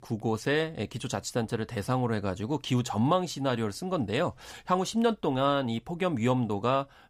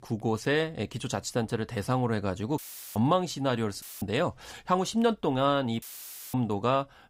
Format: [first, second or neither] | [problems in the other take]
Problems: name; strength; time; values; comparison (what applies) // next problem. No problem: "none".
first | audio cutting out; filled with static; at 2.5 s, at 4 s and at 6 s for 0.5 s